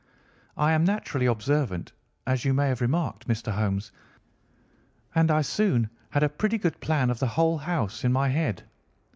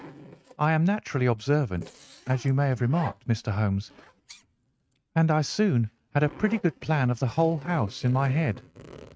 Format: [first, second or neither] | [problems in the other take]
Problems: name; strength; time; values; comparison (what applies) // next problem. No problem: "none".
first | noise reduction (neural mask model RNNoise)